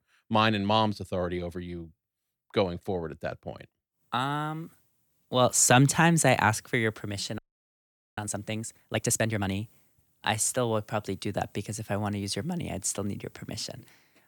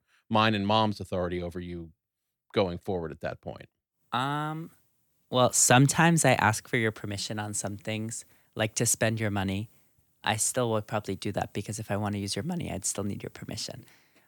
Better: second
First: audio freezing; at 7.5 s for 1 s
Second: none

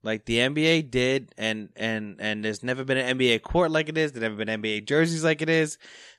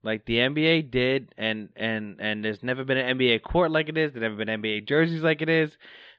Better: first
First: none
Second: muffled; slightly; fading above 3.5 kHz

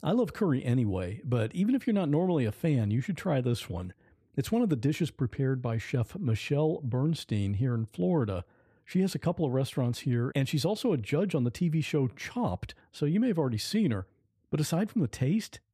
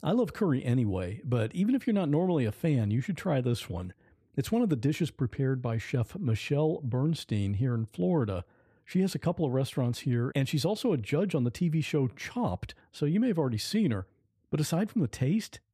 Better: neither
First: none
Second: none

